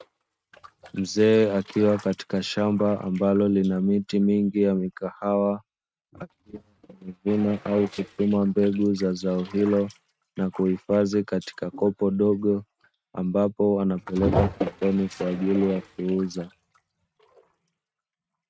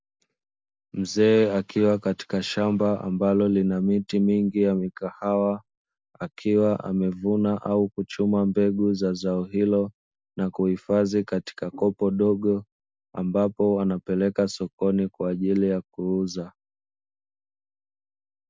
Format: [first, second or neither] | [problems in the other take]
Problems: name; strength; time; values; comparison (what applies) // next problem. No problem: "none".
second | noise reduction (neural mask model RNNoise)